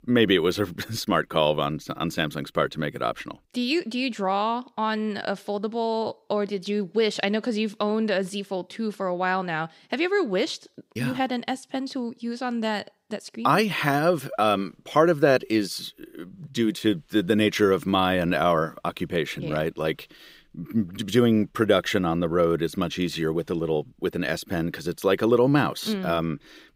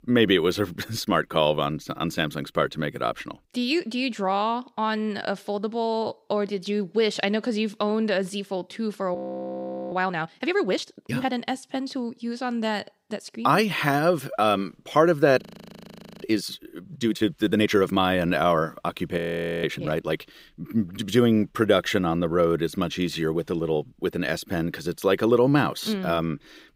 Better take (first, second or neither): first